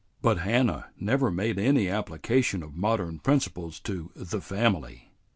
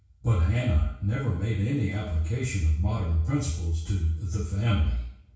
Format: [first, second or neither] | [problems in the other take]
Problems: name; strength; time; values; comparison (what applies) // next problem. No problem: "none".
first | room echo; dies away in 0.6 s